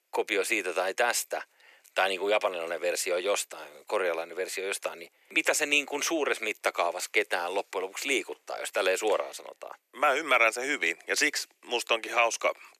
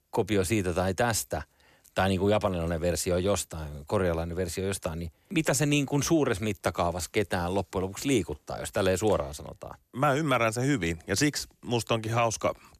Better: second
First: thin; very; fading below 400 Hz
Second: none

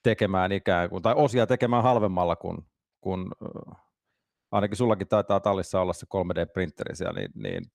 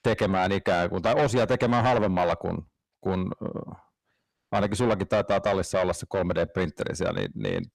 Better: first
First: none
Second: distortion; heavy; 7 dB below the speech

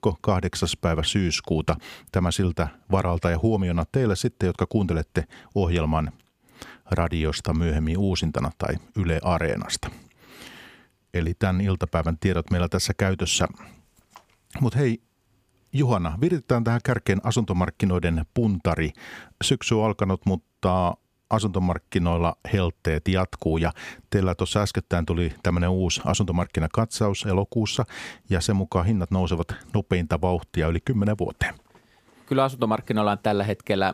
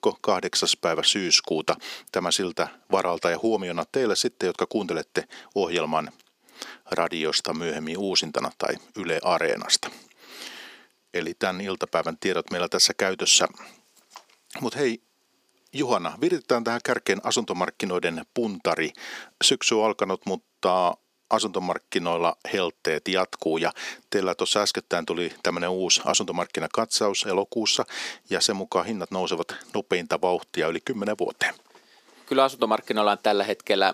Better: first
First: none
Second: thin; somewhat; fading below 300 Hz

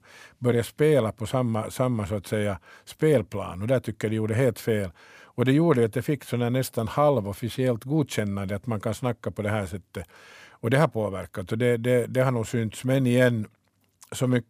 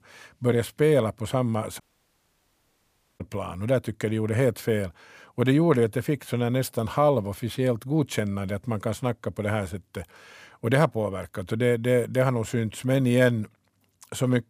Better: first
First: none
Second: audio cutting out; at 2 s for 1.5 s

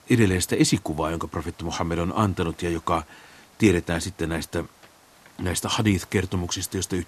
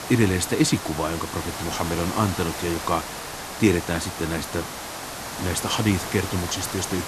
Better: first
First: hiss; faint; throughout; 30 dB below the speech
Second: hiss; loud; throughout; 7 dB below the speech

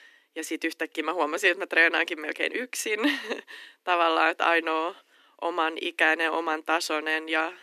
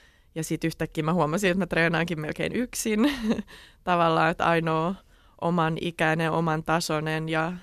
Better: second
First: thin; somewhat; fading below 250 Hz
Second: none

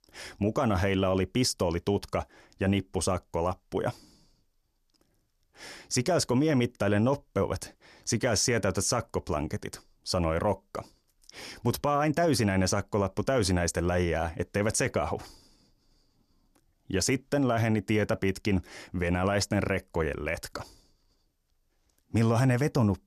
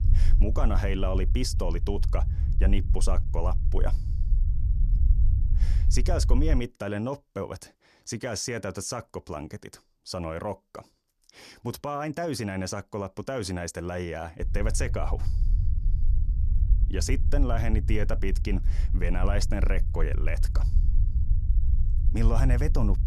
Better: first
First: none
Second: low rumble; noticeable; until 6.5 s and from 14 s on; 15 dB below the speech

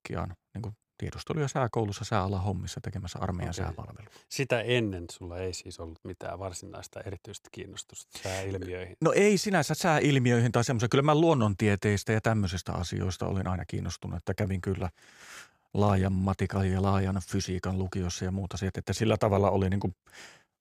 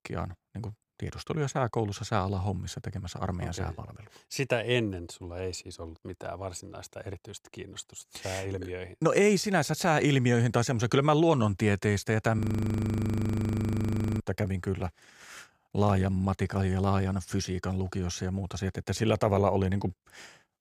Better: first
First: none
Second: audio freezing; at 12 s for 2 s

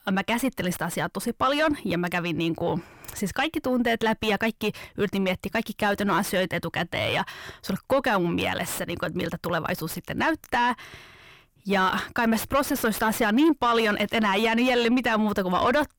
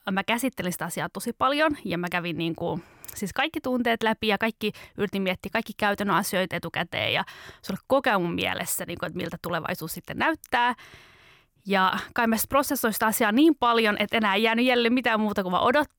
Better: second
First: distortion; slight; 10 dB below the speech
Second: none

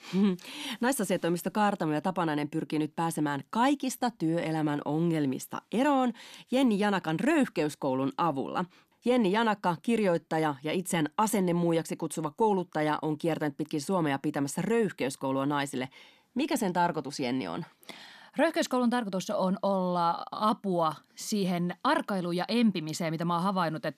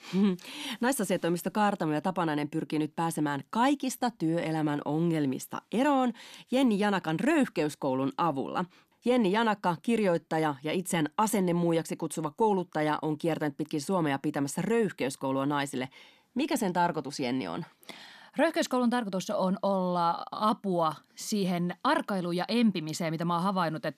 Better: neither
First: none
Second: none

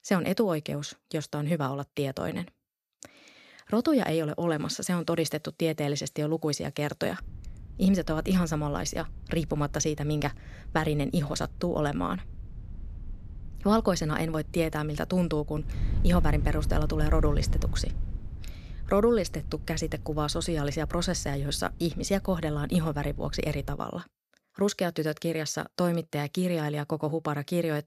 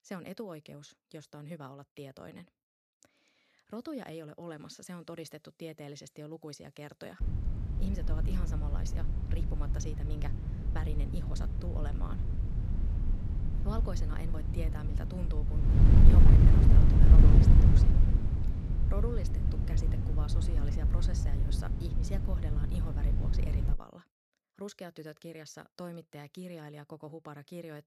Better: first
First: wind noise on the microphone; occasional gusts; from 7 to 24 s; 20 dB below the speech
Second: wind noise on the microphone; heavy; from 7 to 24 s; 4 dB above the speech

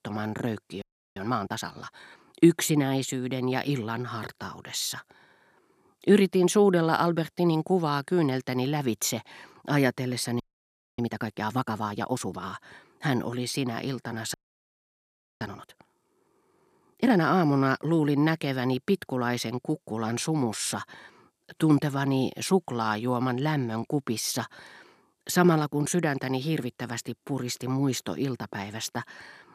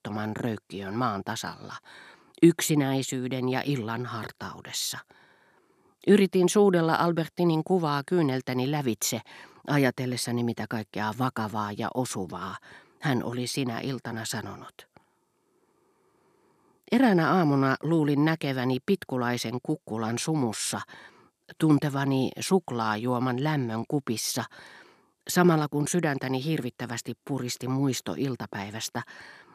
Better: second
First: audio freezing; at 1 s, at 10 s for 0.5 s and at 14 s for 1 s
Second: none

